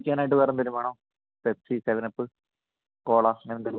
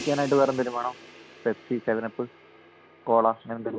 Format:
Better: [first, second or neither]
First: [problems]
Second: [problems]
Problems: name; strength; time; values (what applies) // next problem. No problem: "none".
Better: first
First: none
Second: background sound (Crash cymbal); 18 dB below the speech